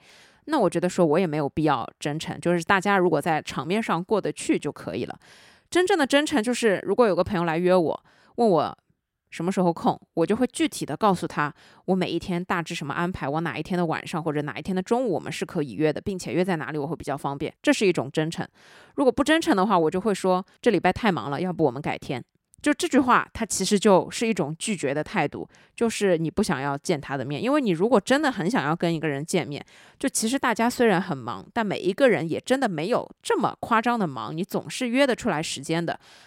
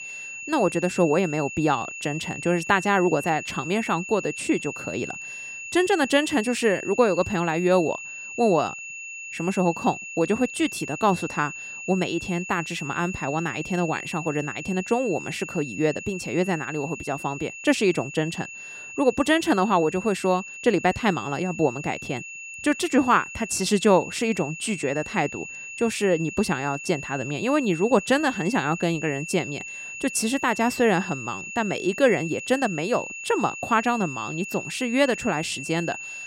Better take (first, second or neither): first